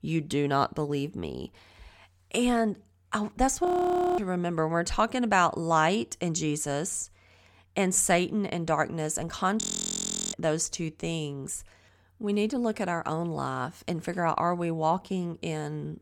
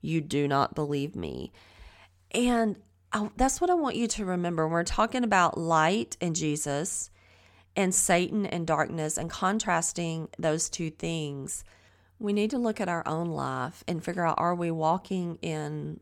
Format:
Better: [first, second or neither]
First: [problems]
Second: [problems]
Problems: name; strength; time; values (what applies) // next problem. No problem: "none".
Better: second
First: audio freezing; at 3.5 s for 0.5 s and at 9.5 s for 0.5 s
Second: none